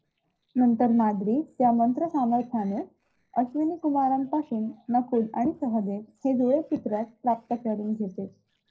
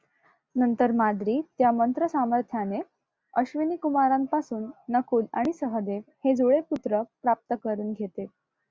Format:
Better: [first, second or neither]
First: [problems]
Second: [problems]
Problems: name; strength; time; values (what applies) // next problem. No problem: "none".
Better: second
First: noise reduction (neural separator model SepFormer DNS4)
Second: none